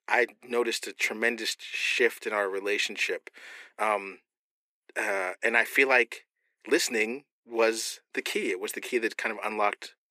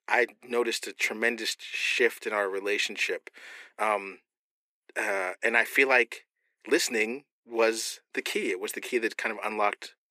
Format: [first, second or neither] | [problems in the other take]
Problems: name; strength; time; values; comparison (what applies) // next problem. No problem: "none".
neither | thin; very; fading below 400 Hz; the same in both